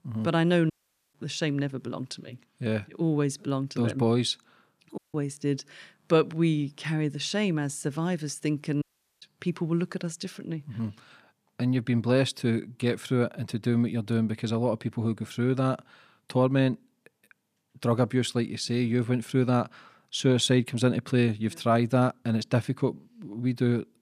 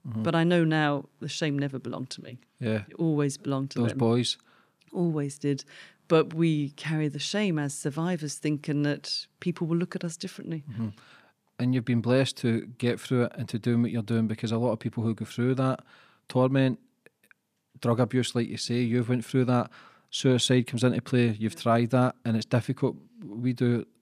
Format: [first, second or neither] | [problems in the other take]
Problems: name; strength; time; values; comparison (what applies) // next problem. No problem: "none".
second | audio cutting out; at 0.5 s, at 5 s and at 9 s